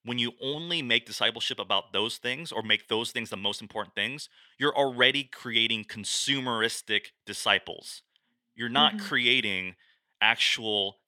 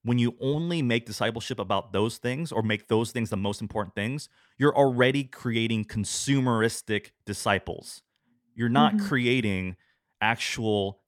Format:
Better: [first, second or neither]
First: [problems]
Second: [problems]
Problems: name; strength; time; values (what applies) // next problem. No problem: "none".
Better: second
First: thin; somewhat; fading below 950 Hz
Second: none